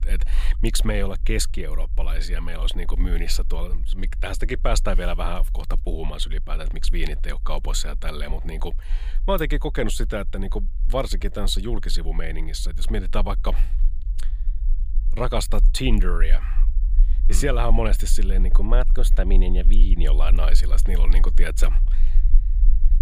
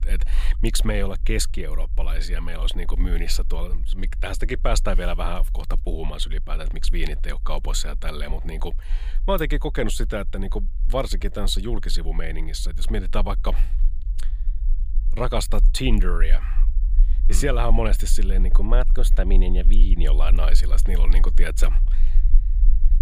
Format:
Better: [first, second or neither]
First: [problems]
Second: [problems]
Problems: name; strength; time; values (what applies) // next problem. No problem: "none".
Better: neither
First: low rumble; faint; throughout; 20 dB below the speech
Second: low rumble; faint; throughout; 20 dB below the speech